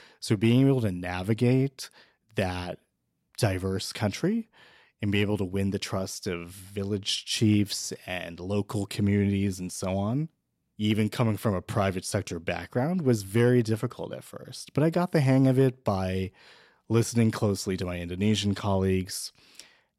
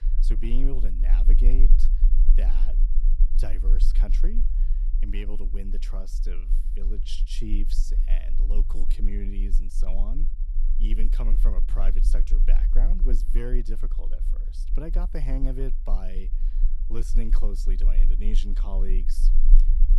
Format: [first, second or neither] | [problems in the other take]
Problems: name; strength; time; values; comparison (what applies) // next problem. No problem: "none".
first | low rumble; noticeable; throughout; 10 dB below the speech